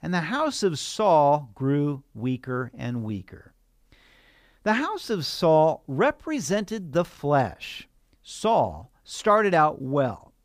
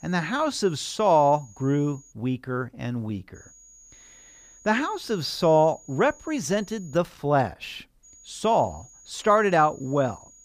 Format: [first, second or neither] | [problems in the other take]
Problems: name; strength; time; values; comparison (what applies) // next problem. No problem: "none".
first | high-pitched whine; faint; until 2 s, from 3.5 to 7 s and from 8 s on; 6.5 kHz, 25 dB below the speech